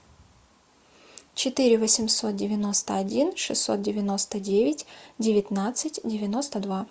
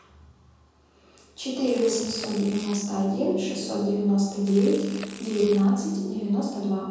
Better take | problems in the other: first | background sound (Fart); 19 dB below the speech // room echo; dies away in 1.3 s

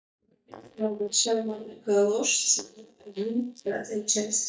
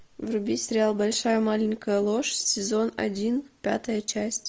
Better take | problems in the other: second | noise reduction (neural mask model DeepFilterNet 3)

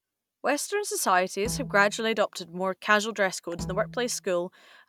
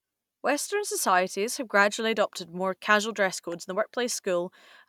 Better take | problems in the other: second | background sound (Bowed string instrument); 13 dB below the speech

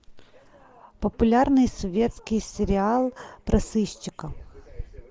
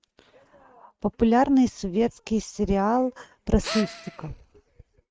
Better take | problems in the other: first | noise reduction (neural mask model RNNoise)

